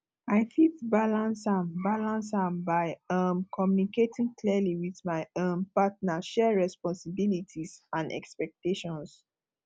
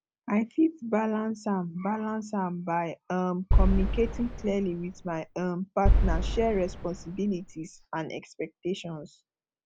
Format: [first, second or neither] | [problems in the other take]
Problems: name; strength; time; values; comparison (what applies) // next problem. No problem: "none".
first | background sound (Boom); 3 dB above the speech